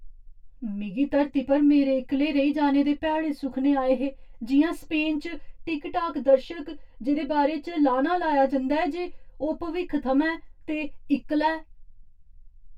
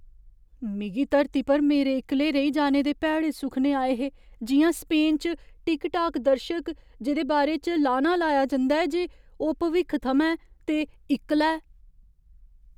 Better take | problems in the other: second | room echo; dies away in 0.1 s

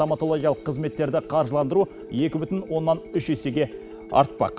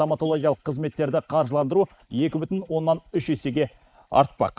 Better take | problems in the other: first | noise reduction (neural mask model Resemble Enhance denoiser)

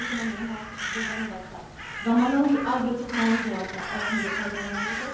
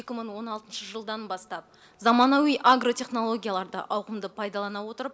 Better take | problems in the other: second | background sound (Crow); 5 dB below the speech // room echo; dies away in 0.9 s

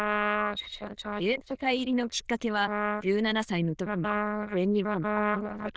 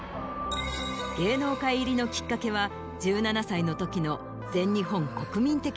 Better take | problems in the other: second | noise reduction (neural diffusion model UNIVERSE++)

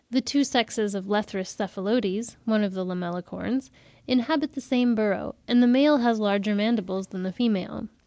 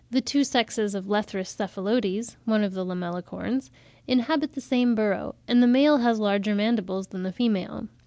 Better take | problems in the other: second | noise reduction (neural mask model Resemble Enhance denoiser)

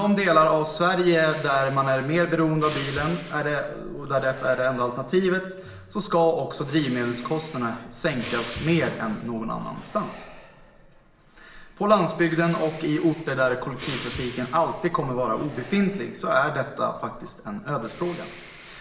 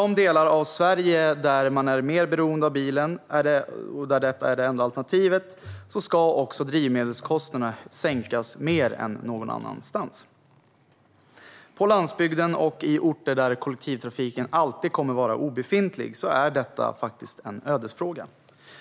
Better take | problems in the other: second | background sound (Breathing); 18 dB below the speech // room echo; dies away in 1.1 s

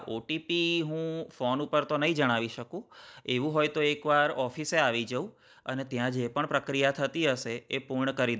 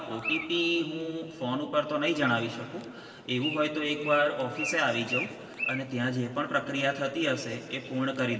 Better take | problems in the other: first | background sound (Bird); 11 dB below the speech // room echo; dies away in 2.4 s

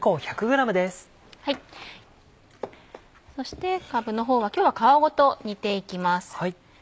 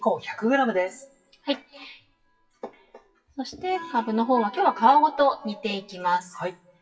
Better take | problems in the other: first | noise reduction (classical method WPE with log-MMSE)

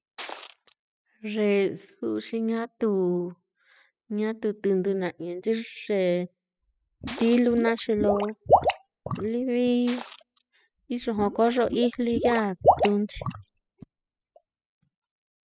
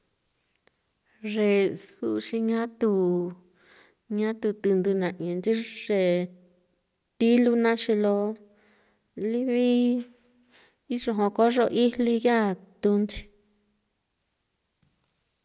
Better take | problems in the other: second | noise reduction (classical method spectral subtraction)

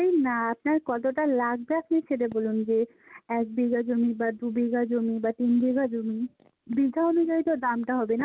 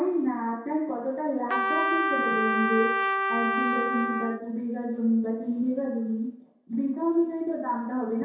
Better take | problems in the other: first | background sound (Trumpet); 1 dB above the speech // room echo; dies away in 0.7 s

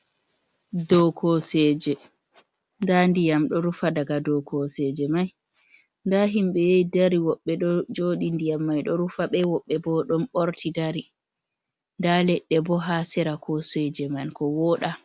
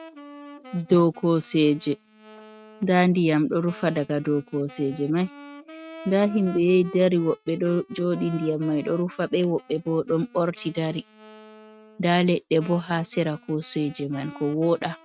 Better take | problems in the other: first | noise reduction (neural mask model RNNoise)

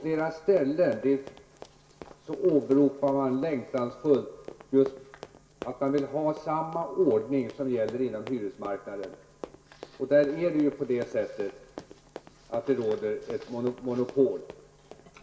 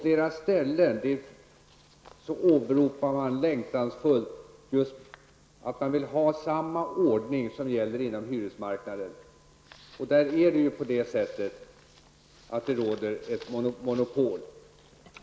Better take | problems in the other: second | background sound (Run); 19 dB below the speech // room echo; dies away in 0.2 s

